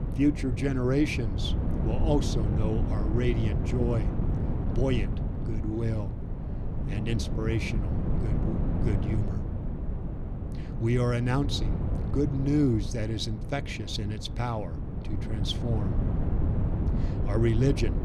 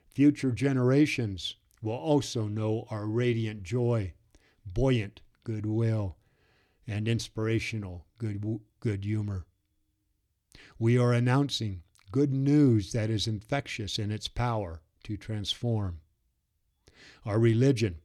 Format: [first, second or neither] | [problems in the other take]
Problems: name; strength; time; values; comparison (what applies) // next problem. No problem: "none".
second | wind noise on the microphone; heavy; 7 dB below the speech